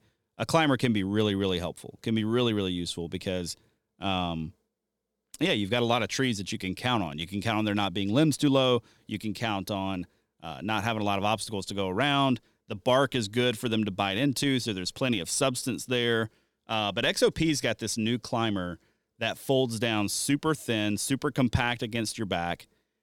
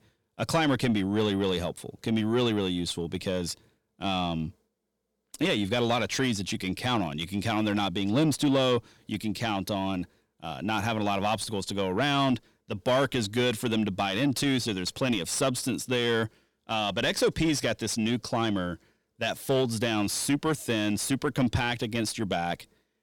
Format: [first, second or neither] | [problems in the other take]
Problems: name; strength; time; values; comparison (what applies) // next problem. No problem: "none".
first | distortion; slight; 10 dB below the speech